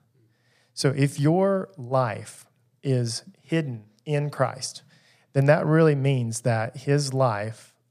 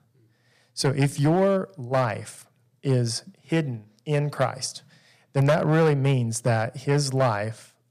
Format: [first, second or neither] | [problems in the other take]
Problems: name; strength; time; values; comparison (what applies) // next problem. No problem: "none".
first | distortion; slight; 4% of the sound clipped